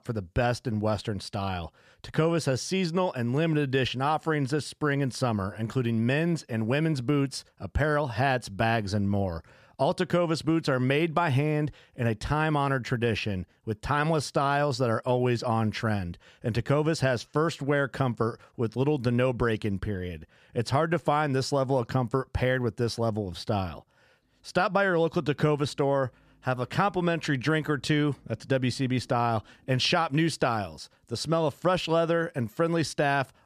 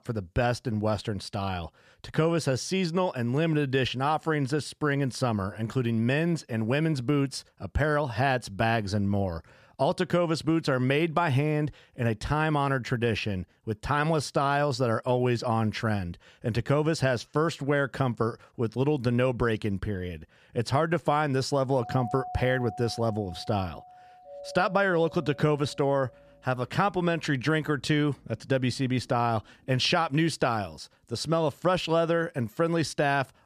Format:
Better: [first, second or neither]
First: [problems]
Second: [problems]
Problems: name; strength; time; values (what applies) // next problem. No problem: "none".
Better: first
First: none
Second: doorbell; noticeable; from 22 to 26 s; peak 10 dB below the speech